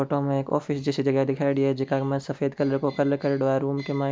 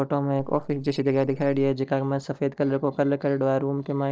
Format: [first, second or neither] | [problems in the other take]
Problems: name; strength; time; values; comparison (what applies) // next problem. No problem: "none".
first | noise reduction (neural separator model SepFormer DNS4)